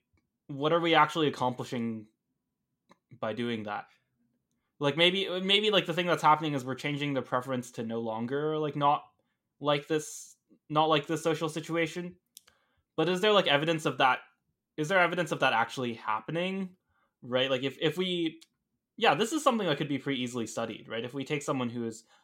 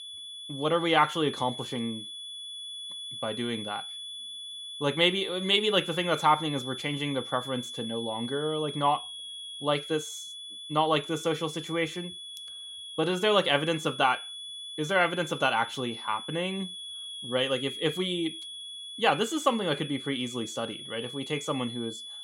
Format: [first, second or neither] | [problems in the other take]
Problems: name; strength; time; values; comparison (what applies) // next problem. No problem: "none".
first | high-pitched whine; loud; throughout; 3.5 kHz, 9 dB below the speech